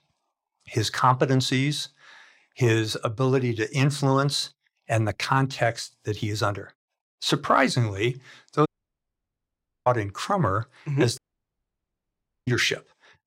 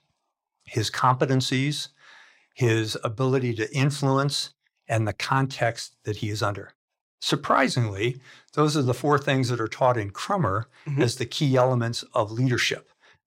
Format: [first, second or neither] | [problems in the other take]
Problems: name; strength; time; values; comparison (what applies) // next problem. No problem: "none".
second | audio cutting out; at 8.5 s for 1 s and at 11 s for 1.5 s